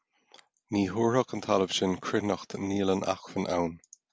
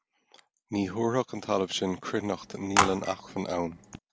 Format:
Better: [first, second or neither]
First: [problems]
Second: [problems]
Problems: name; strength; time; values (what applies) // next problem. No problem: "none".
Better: first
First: none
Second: background sound (Telephone); 1 dB below the speech